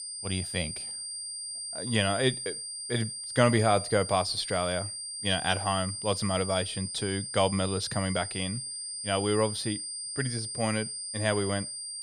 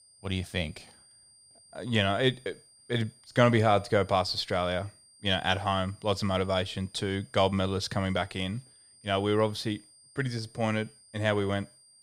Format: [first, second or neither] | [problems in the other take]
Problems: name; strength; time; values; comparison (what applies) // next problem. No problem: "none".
second | high-pitched whine; loud; throughout; 9 kHz, 5 dB below the speech; faint in the second